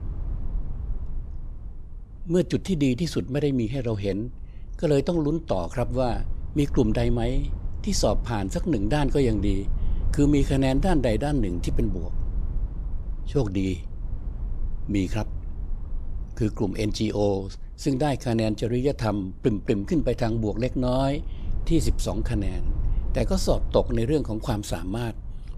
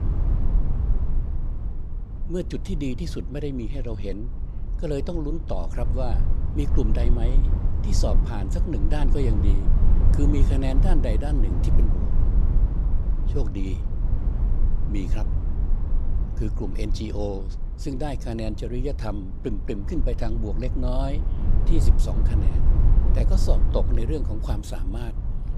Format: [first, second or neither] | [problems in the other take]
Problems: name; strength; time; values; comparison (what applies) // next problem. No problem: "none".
first | low rumble; loud; throughout; 7 dB below the speech; faint in the first